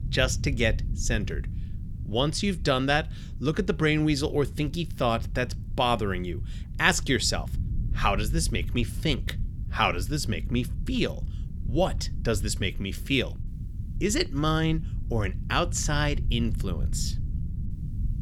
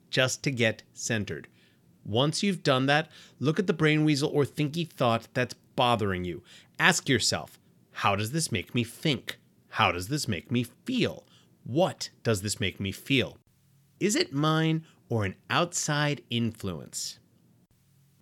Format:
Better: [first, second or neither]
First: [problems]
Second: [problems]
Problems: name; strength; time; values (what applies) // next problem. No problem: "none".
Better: second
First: low rumble; faint; throughout; 20 dB below the speech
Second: none